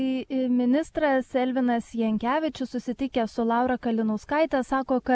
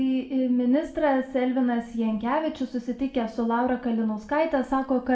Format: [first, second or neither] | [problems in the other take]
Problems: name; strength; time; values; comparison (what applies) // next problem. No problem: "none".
first | room echo; dies away in 0.4 s